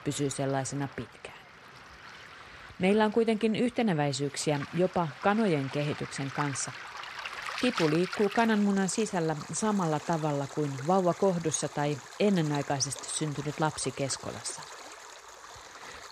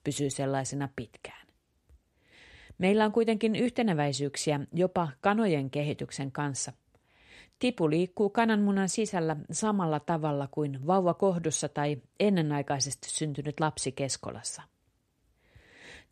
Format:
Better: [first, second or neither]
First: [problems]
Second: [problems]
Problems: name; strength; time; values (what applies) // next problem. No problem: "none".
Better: second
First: rain or running water; noticeable; throughout; 15 dB below the speech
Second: none